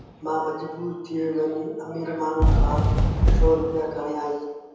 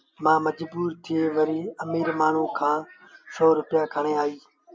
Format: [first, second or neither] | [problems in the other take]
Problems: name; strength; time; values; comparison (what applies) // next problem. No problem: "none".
second | background sound (Fireworks); 3 dB above the speech // room echo; dies away in 1.1 s